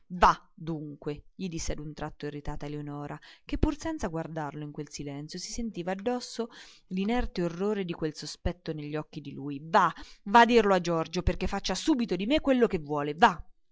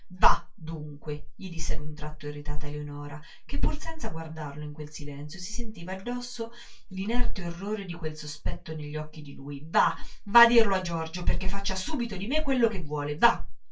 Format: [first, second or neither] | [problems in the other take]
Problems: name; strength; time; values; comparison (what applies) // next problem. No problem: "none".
first | room echo; dies away in 0.2 s